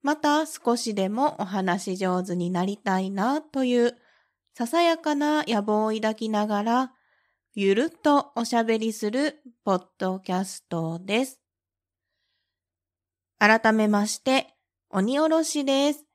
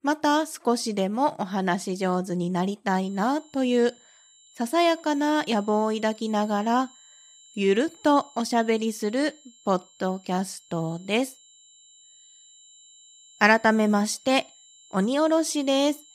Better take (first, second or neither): first